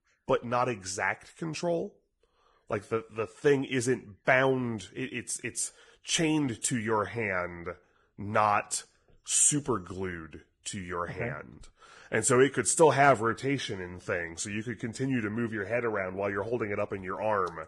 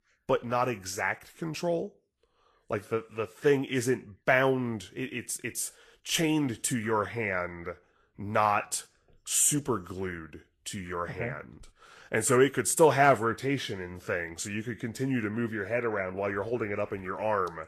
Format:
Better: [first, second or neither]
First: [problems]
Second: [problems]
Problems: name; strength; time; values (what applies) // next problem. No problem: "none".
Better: second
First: garbled, watery; badly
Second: garbled, watery; slightly; nothing above 12.5 kHz